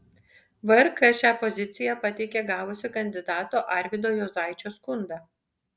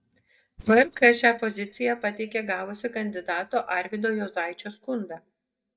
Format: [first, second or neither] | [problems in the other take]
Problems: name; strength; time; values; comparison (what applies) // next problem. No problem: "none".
first | noise reduction (neural mask model DeepFilterNet 3)